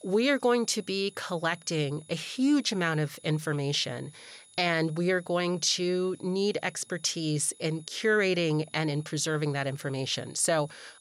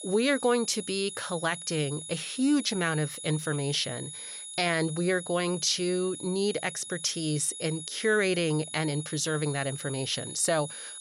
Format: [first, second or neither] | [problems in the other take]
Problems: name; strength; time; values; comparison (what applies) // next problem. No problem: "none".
first | high-pitched whine; loud; throughout; 10 kHz, 9 dB below the speech; faint in the first